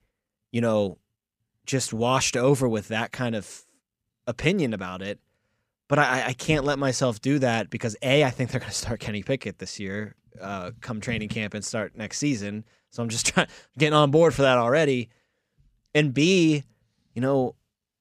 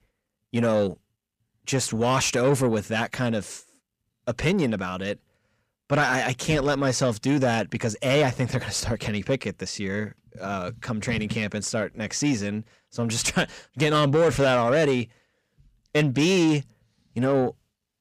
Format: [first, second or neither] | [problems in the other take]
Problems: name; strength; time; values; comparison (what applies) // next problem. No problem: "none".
first | distortion; slight; 10 dB below the speech